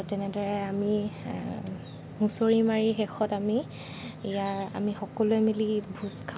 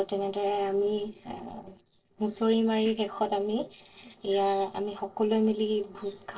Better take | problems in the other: first | noise reduction (neural separator model SepFormer DNS4)

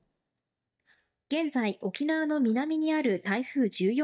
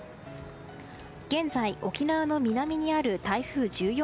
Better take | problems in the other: second | noise reduction (neural mask model DeepFilterNet 3)

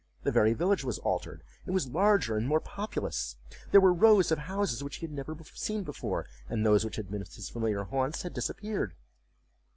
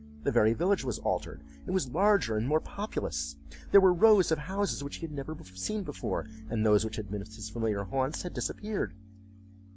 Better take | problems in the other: first | background sound (Piano); 19 dB below the speech

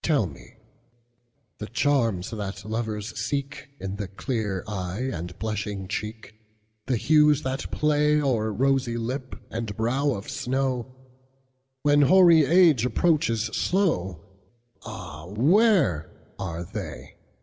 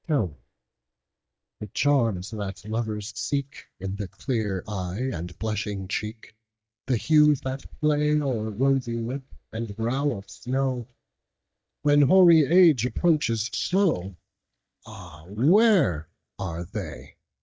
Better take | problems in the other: first | noise reduction (neural mask model DeepFilterNet 3)

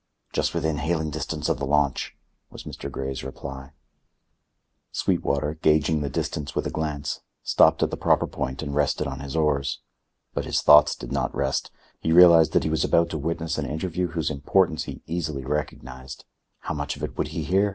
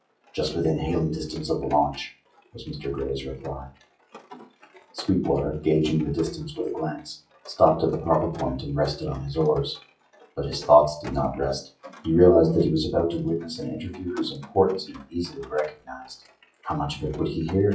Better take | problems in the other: first | noise reduction (classical method WPE with log-MMSE)

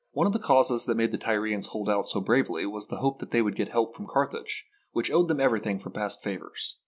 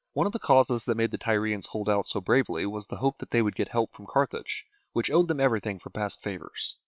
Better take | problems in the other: first | noise reduction (neural separator model SepFormer WHAM!)

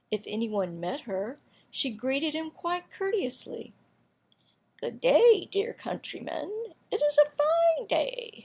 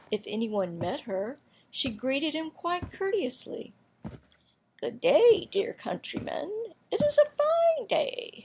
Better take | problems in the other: first | background sound (Walk, footsteps); 18 dB below the speech

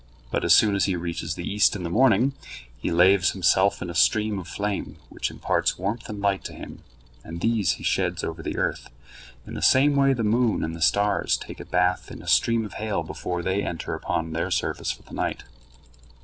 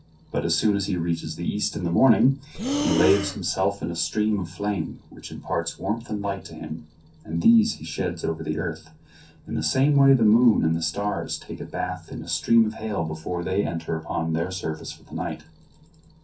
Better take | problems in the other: first | background sound (Breathing); 3 dB below the speech // room echo; dies away in 0.3 s

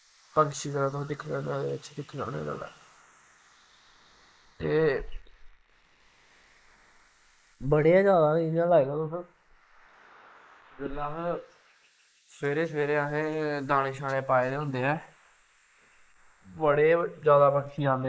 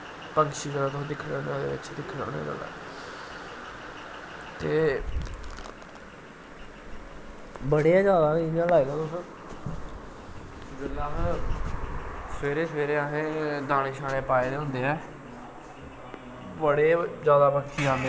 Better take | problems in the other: second | noise reduction (neural mask model Resemble Enhance denoiser)

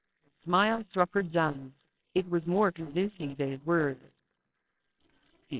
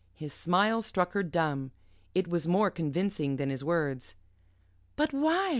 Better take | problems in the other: second | noise reduction (neural separator model SepFormer WHAMR!)

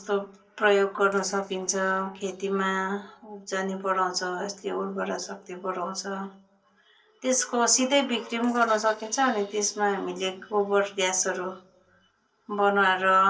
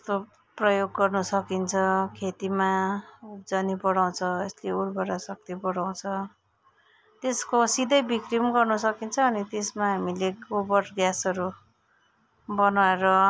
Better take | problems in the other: second | noise reduction (neural separator model SepFormer DNS4)

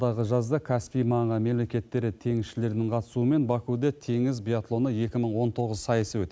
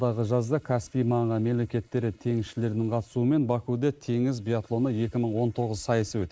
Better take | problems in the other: first | noise reduction (neural mask model Resemble Enhance denoiser)

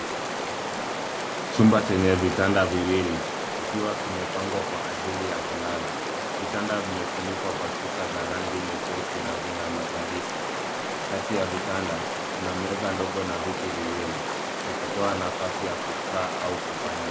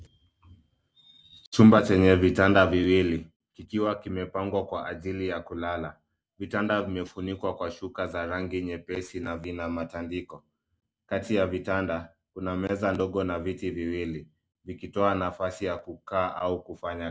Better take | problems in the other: second | background sound (Stream); 1 dB below the speech

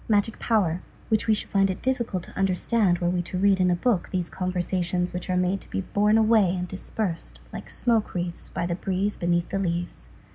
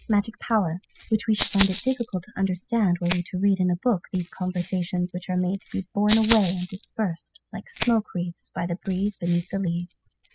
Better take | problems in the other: first | noise reduction (classical method spectral subtraction)

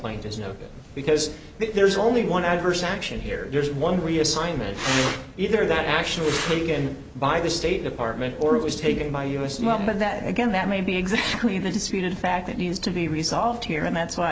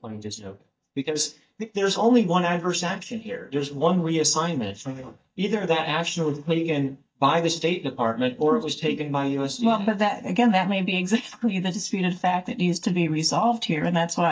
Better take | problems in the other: first | noise reduction (neural mask model DeepFilterNet 3)

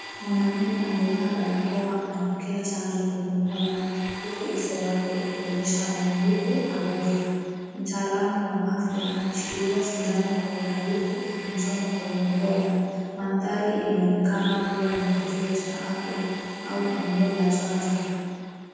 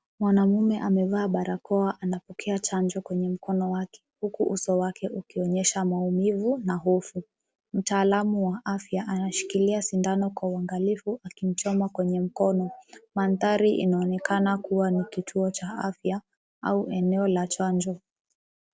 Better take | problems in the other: second | background sound (Domestic sounds, home sounds); 14 dB below the speech // room echo; dies away in 2.1 s

